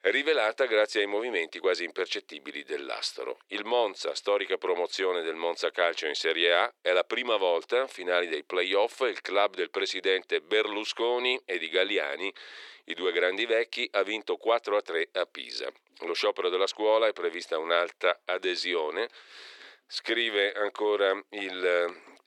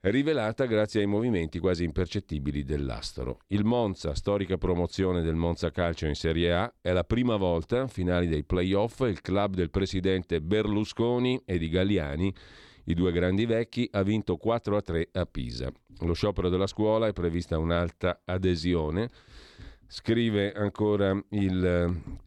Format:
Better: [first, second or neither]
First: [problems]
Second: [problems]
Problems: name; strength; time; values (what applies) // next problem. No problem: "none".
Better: second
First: thin; very; fading below 400 Hz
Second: none